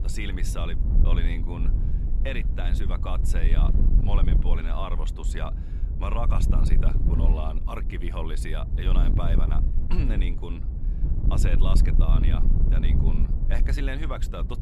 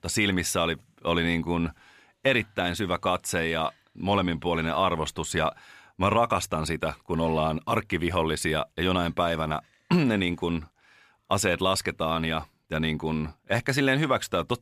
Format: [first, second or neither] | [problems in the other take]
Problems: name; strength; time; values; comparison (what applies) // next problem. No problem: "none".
second | wind noise on the microphone; heavy; 5 dB below the speech